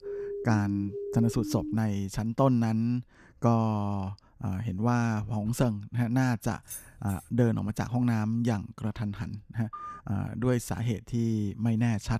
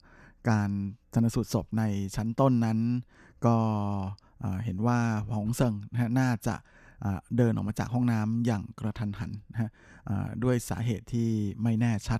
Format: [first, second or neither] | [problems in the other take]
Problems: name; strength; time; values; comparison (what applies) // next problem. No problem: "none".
second | siren; noticeable; until 2 s; peak 6 dB below the speech // jangling keys; faint; at 6.5 s; peak 10 dB below the speech // phone ringing; faint; at 9.5 s; peak 10 dB below the speech